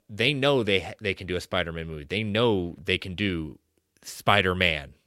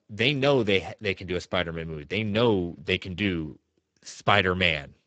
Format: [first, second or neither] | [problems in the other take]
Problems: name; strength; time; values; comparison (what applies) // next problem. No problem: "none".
first | garbled, watery; badly; nothing above 7.5 kHz